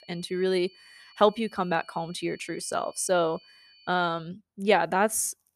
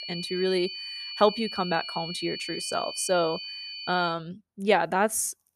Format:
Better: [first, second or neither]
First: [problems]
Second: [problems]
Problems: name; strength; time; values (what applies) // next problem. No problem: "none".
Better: first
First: high-pitched whine; faint; until 4 s; 4.5 kHz, 25 dB below the speech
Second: high-pitched whine; loud; until 4 s; 4.5 kHz, 7 dB below the speech